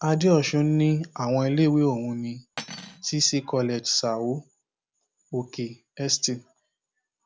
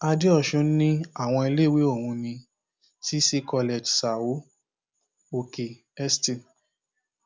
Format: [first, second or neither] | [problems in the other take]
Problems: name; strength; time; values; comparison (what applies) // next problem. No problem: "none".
second | background sound (Cutlery, silverware); 18 dB below the speech